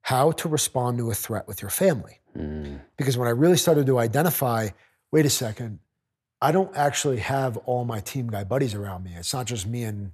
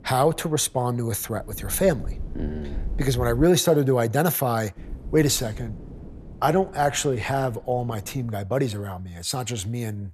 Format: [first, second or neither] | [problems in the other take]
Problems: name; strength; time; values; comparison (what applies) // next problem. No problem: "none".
first | wind noise on the microphone; occasional gusts; until 3.5 s and from 5 to 8.5 s; 25 dB below the speech